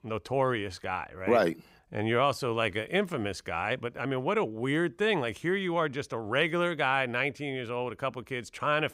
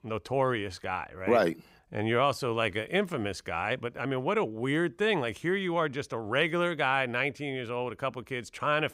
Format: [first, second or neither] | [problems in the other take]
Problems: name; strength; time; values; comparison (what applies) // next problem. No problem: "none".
neither | none